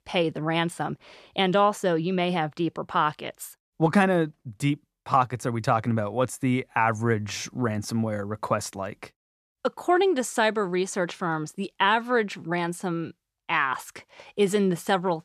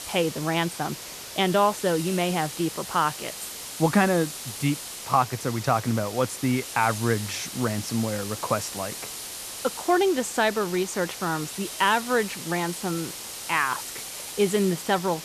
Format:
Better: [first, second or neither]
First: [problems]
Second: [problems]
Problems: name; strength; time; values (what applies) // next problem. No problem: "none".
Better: first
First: none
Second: hiss; loud; throughout; 9 dB below the speech